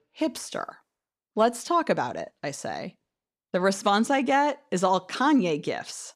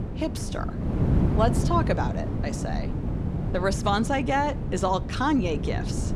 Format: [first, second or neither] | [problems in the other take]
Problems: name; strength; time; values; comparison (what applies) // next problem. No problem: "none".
first | wind noise on the microphone; heavy; 9 dB below the speech